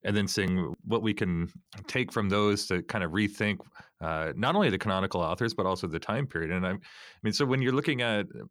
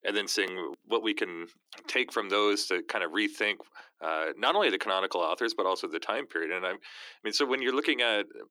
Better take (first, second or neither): first